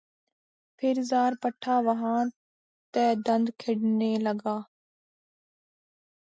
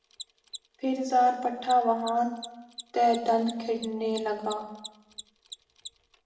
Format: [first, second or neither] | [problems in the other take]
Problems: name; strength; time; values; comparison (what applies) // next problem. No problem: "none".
first | background sound (Mechanisms); 18 dB below the speech // room echo; dies away in 1 s